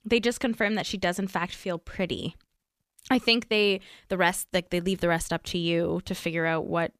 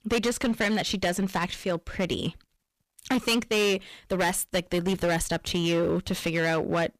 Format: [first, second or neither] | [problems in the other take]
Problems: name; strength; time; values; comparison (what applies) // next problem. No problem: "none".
first | distortion; heavy; 12% of the sound clipped